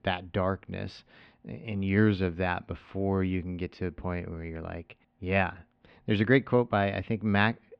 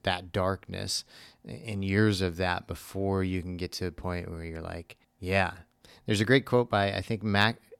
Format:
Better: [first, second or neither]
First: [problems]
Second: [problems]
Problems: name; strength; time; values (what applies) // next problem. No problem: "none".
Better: second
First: muffled; very; fading above 3 kHz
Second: none